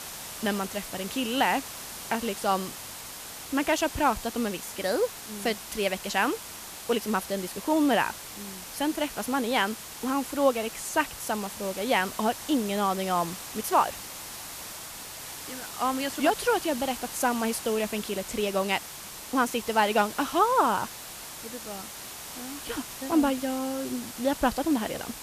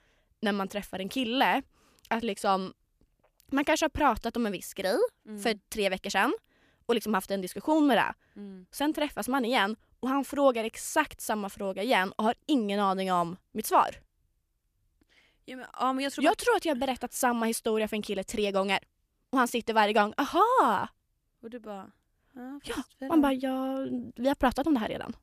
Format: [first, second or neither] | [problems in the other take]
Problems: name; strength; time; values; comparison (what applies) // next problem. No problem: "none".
second | hiss; loud; throughout; 10 dB below the speech